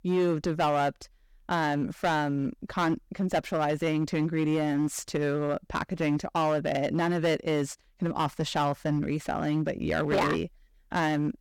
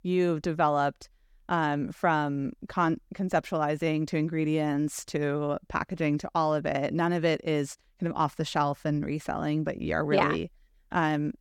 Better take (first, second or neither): second